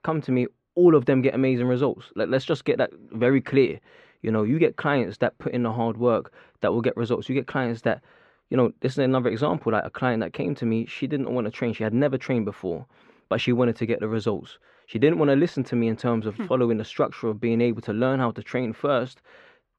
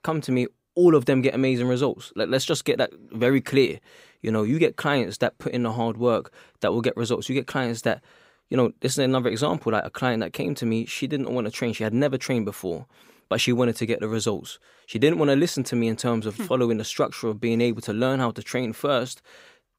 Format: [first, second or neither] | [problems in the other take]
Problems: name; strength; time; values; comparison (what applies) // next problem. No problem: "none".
second | muffled; slightly; fading above 2.5 kHz